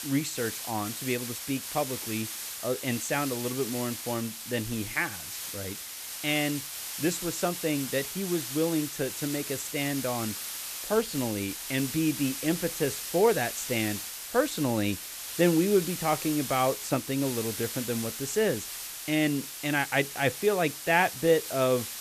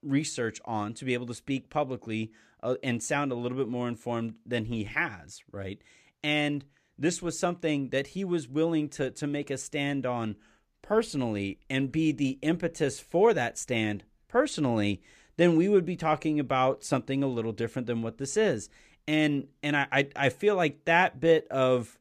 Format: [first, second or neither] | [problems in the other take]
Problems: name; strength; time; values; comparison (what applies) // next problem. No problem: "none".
second | hiss; loud; throughout; 6 dB below the speech